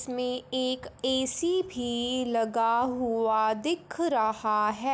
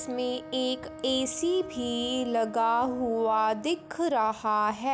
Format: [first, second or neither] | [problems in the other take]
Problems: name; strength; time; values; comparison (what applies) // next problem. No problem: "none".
first | background sound (Wind instrument, woodwind instrument); 16 dB below the speech